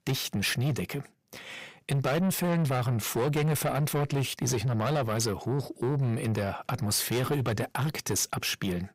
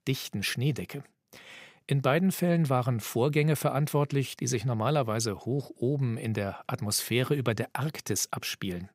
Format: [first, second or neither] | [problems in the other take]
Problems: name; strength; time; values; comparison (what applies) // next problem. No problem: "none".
second | distortion; heavy; 7 dB below the speech